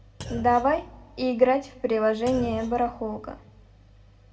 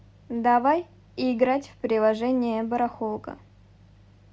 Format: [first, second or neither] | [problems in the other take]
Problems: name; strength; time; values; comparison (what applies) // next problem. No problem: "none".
second | background sound (Thump, thud); 15 dB below the speech // room echo; dies away in 0.5 s